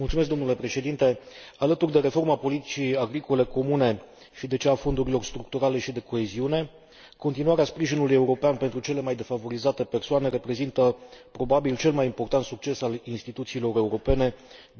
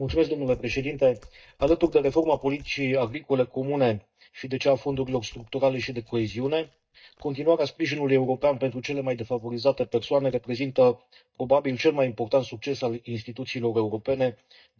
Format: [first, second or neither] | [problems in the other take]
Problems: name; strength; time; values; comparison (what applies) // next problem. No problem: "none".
first | noise reduction (neural mask model DeepFilterNet 3)